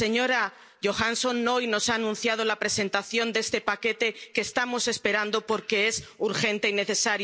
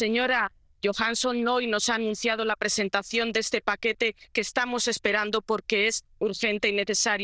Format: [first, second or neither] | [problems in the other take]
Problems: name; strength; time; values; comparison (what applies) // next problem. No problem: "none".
first | noise reduction (neural diffusion model UNIVERSE++)